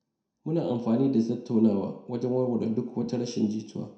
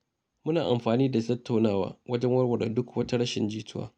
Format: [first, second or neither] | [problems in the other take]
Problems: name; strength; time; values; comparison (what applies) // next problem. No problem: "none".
second | room echo; dies away in 0.6 s